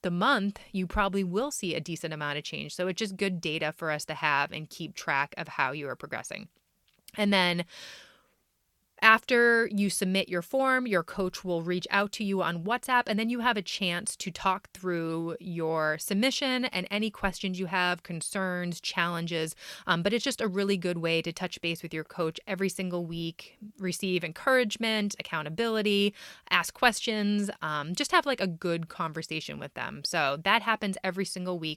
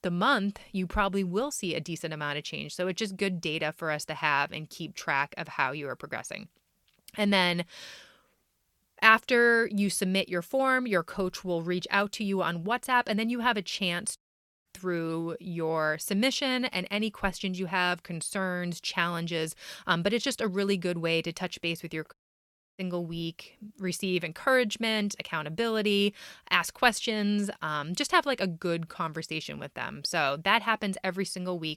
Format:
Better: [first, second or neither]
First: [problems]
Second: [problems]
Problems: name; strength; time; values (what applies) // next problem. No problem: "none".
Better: first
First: none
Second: audio cutting out; at 14 s and at 22 s for 0.5 s